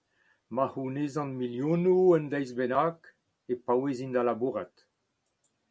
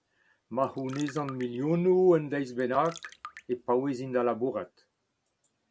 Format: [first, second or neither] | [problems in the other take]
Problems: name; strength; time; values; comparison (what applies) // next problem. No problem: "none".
first | background sound (Trickle, dribble); 19 dB below the speech